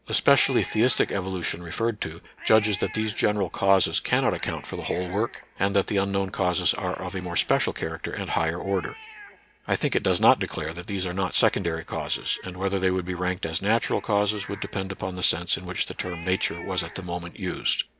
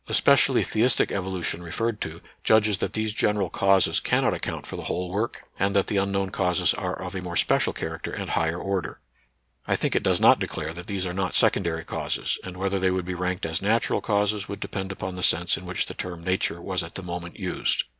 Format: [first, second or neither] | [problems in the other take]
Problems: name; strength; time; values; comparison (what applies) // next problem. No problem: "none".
second | background sound (Cat); 19 dB below the speech